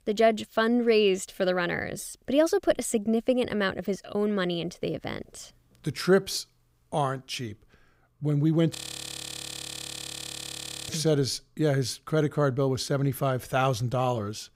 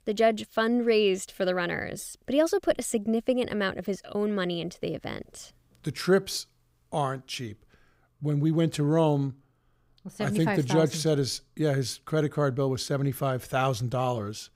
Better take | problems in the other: second | audio freezing; at 9 s for 2 s

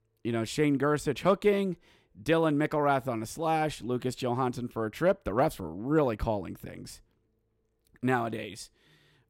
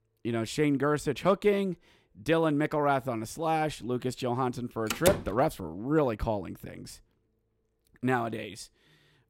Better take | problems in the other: first | door banging; noticeable; at 5 s; peak level with the speech

